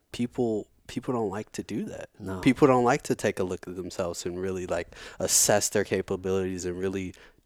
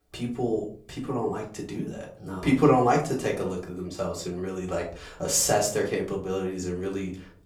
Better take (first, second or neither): first